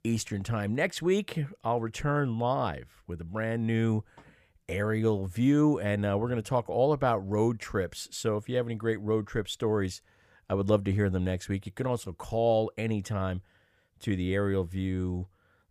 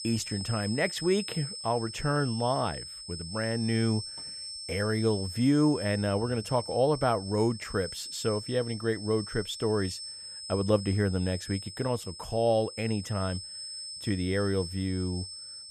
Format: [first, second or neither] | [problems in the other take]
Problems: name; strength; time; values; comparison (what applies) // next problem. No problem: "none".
first | high-pitched whine; loud; throughout; 5.5 kHz, 9 dB below the speech